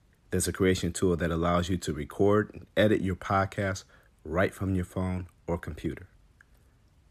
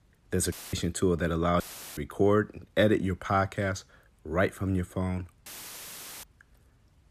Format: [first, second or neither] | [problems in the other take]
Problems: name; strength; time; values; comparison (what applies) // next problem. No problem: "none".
first | audio cutting out; filled with static; at 0.5 s, at 1.5 s and at 5.5 s for 1 s